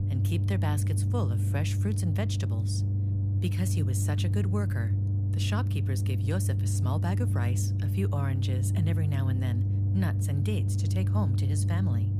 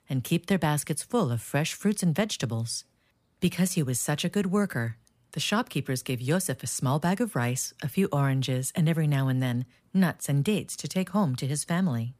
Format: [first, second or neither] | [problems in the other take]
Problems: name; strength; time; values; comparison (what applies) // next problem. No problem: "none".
second | low rumble; loud; throughout; 3 dB below the speech